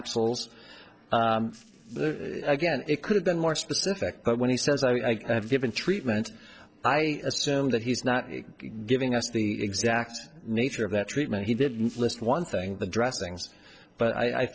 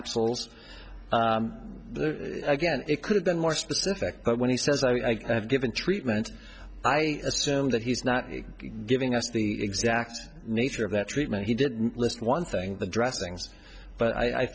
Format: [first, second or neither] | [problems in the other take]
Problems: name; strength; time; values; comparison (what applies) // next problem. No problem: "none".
second | noise reduction (neural separator model SepFormer DNS4)